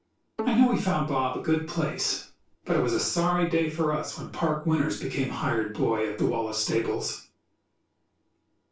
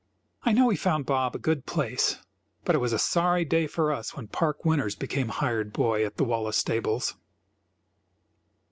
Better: second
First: background sound (Bowed string instrument); 14 dB below the speech // room echo; dies away in 0.3 s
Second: none

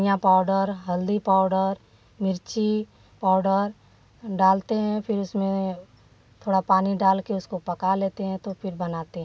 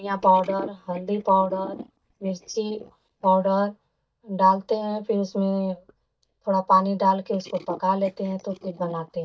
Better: first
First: none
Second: noise reduction (neural mask model DeepFilterNet 3)

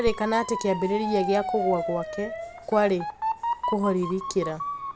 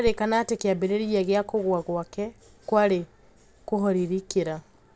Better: second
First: background sound (Motor vehicle (road) / Siren); 5 dB below the speech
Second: none

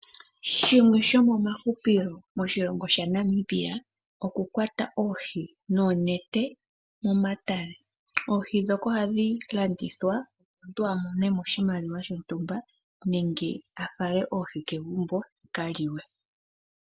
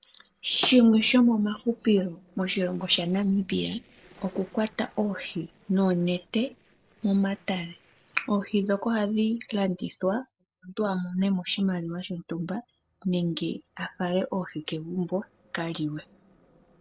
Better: first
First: none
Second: noise reduction (neural separator model SepFormer DNS4)

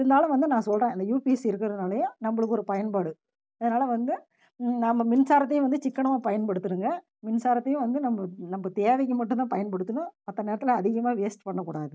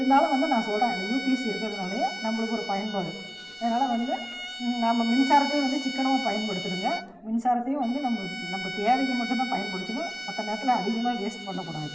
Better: first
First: none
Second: background sound (Bowed string instrument); 9 dB below the speech // room echo; dies away in 2.4 s

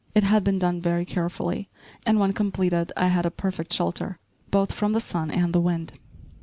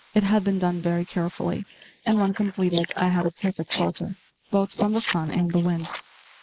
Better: first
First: none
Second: noise reduction (neural mask model Resemble Enhance denoiser)

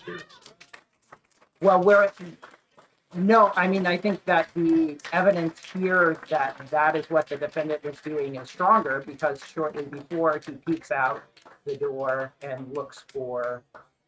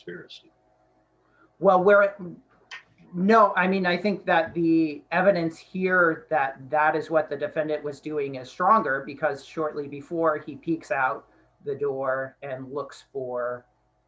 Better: second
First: noise reduction (neural mask model RNNoise)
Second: none

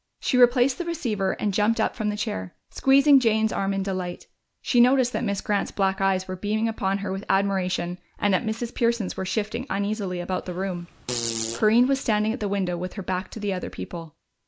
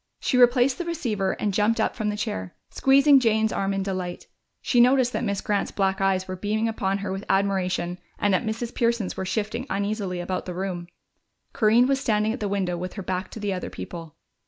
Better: second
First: background sound (Fart); 9 dB below the speech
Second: none

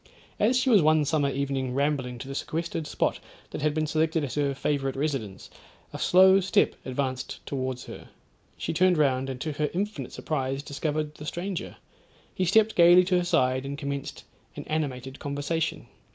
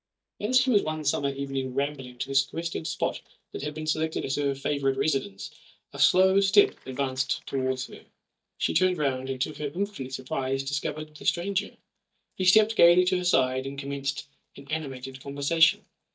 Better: first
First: none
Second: noise reduction (neural mask model DeepFilterNet 3)

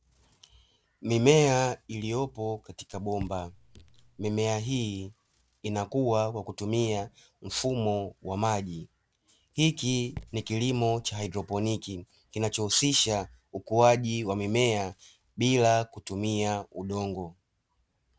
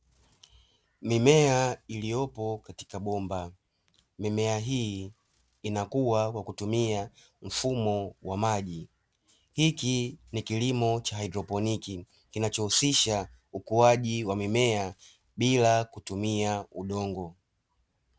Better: second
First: background sound (Raindrop / Drip); 17 dB below the speech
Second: none

